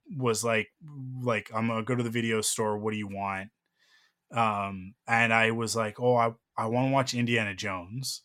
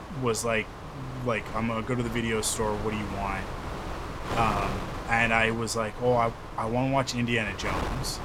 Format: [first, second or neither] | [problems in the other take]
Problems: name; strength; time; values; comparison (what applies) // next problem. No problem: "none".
first | wind noise on the microphone; heavy; 9 dB below the speech